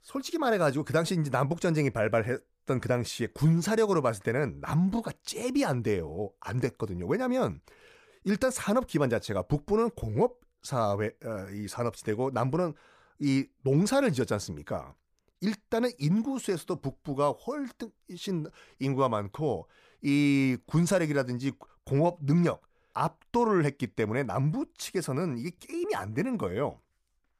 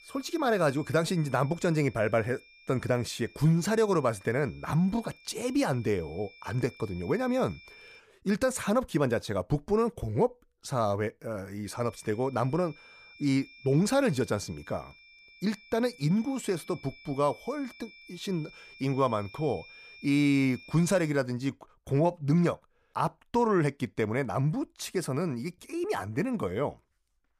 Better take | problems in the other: first | high-pitched whine; faint; until 8 s and from 12 to 21 s; 2.5 kHz, 20 dB below the speech

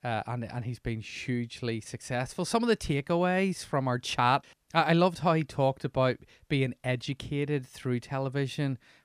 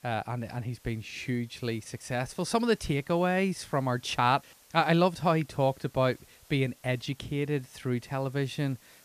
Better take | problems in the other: first | hiss; faint; throughout; 25 dB below the speech

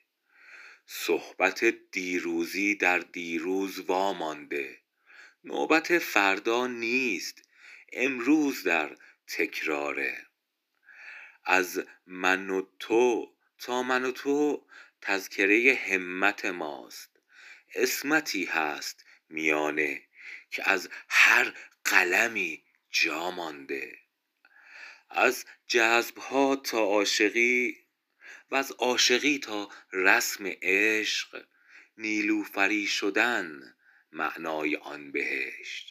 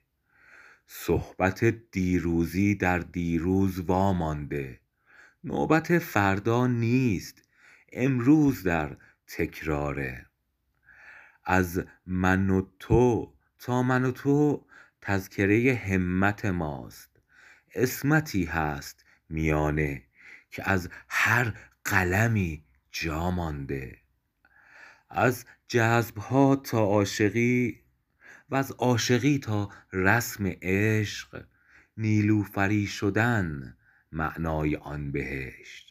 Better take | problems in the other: second | thin; somewhat; fading below 350 Hz

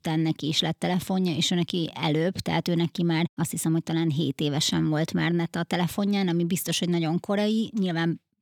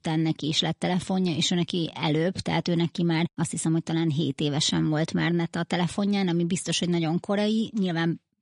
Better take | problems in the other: first | garbled, watery; slightly; nothing above 10.5 kHz

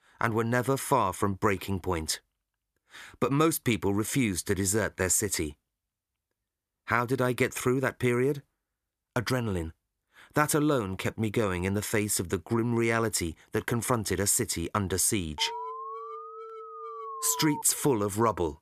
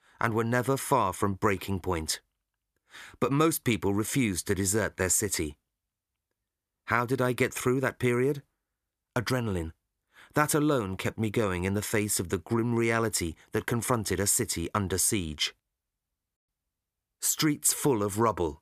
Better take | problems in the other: second | alarm; noticeable; from 15 to 18 s; peak 9 dB below the speech

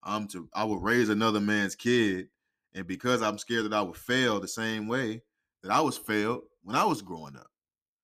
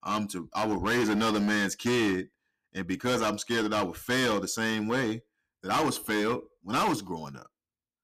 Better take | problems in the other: first | distortion; heavy; 13% of the sound clipped

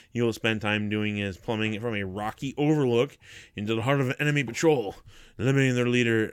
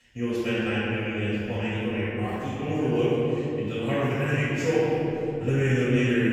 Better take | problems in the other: first | off-mic speech; far // room echo; strong; dies away in 3 s

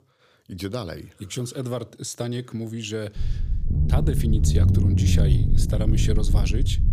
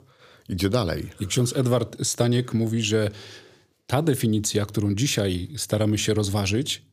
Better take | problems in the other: second | low rumble; loud; from 3 s on; 2 dB below the speech

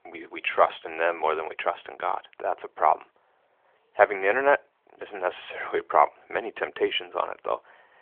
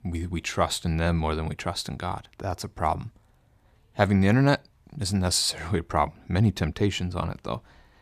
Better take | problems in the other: second | phone-call audio; nothing above 3 kHz

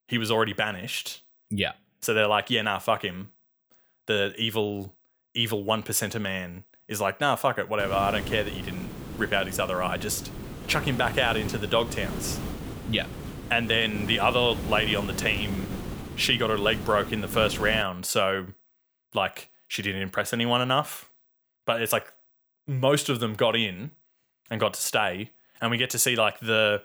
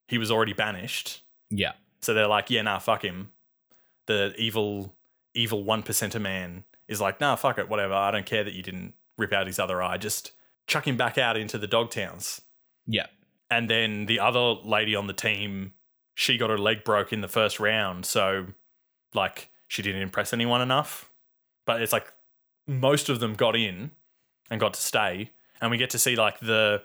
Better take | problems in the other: second | hiss; loud; from 8 to 18 s; 10 dB below the speech

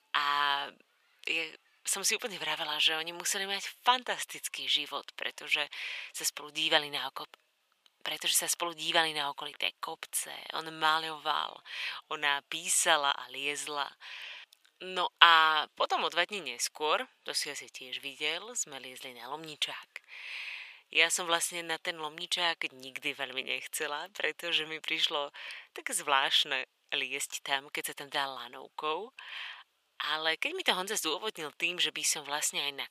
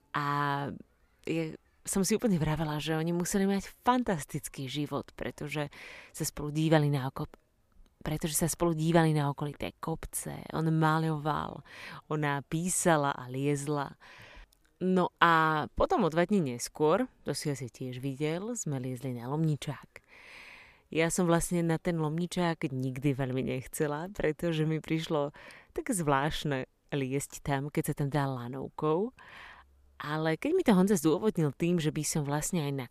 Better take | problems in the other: second | thin; very; fading below 800 Hz

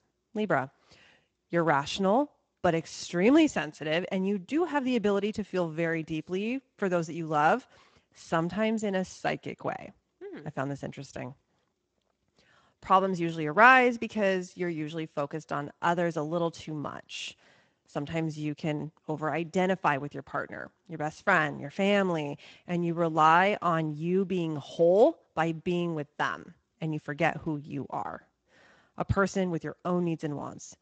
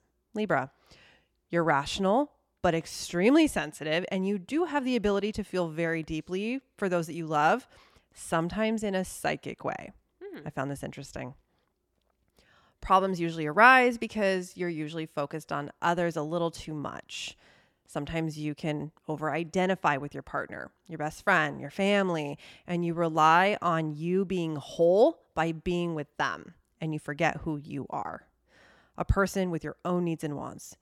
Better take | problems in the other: second | garbled, watery; slightly; nothing above 7.5 kHz

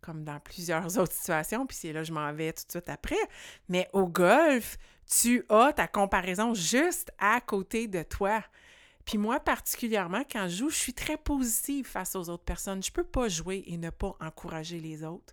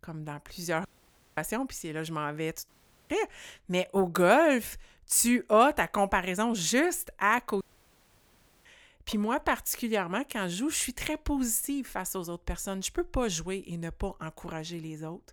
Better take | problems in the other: first | audio cutting out; at 1 s for 0.5 s, at 2.5 s and at 7.5 s for 1 s

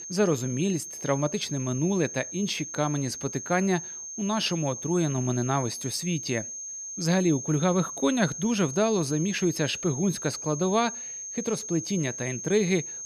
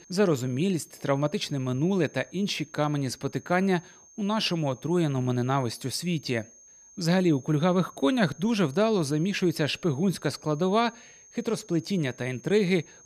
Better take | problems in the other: second | high-pitched whine; loud; throughout; 6.5 kHz, 7 dB below the speech; faint in the second

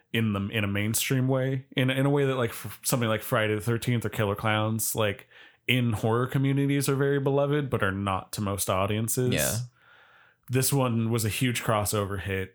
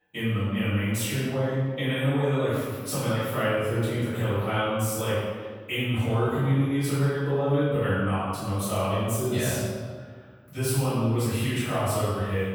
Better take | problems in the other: first | room echo; strong; dies away in 1.4 s // off-mic speech; far

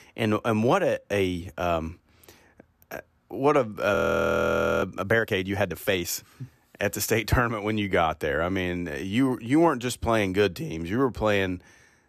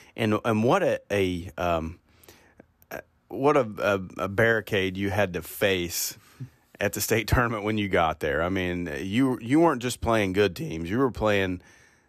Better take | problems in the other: second | audio freezing; at 4 s for 1 s

